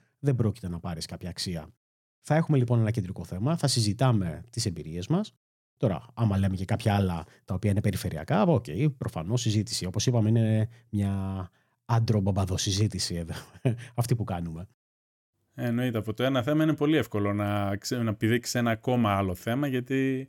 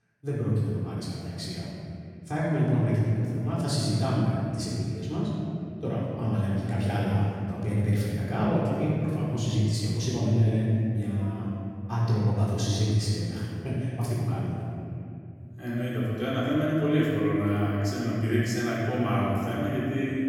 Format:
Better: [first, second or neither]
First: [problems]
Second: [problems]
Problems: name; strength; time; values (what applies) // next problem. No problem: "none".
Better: first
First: none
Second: off-mic speech; far // room echo; strong; dies away in 2.6 s